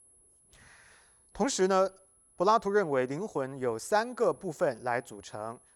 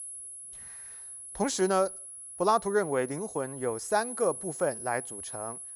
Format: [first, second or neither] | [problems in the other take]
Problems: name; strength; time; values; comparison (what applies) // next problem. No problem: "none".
first | high-pitched whine; loud; throughout; 10.5 kHz, 10 dB below the speech; faint in the first